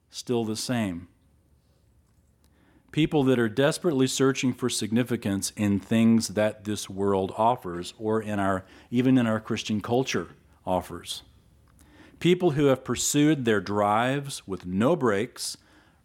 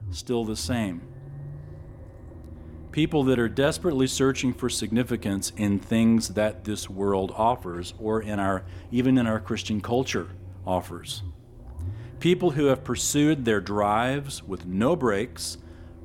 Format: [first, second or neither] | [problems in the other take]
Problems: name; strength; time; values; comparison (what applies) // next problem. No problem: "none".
first | low rumble; faint; throughout; 25 dB below the speech